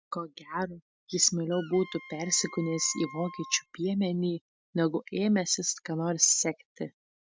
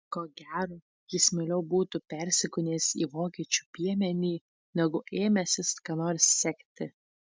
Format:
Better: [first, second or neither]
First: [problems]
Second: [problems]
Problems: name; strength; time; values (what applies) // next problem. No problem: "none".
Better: second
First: background sound (Wind instrument, woodwind instrument); 17 dB below the speech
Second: none